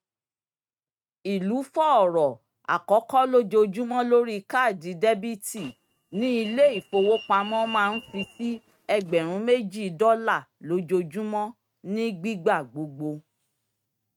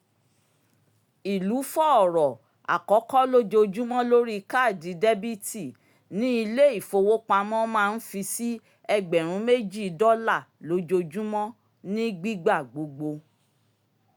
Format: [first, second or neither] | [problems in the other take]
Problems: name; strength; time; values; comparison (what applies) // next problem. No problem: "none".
second | noise reduction (neural mask model RNNoise)